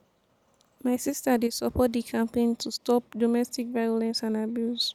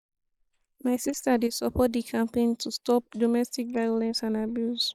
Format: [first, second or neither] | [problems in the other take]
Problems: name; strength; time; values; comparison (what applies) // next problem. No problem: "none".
first | noise reduction (neural mask model Resemble Enhance denoiser)